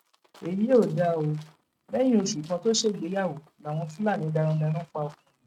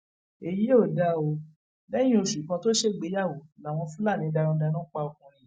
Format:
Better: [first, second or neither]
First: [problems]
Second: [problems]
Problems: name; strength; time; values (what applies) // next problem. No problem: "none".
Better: second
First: noise reduction (neural mask model RNNoise)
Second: none